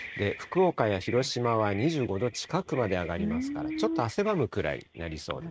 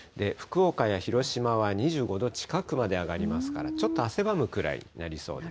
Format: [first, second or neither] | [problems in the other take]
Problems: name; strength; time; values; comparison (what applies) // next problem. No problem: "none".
second | noise reduction (neural mask model RNNoise)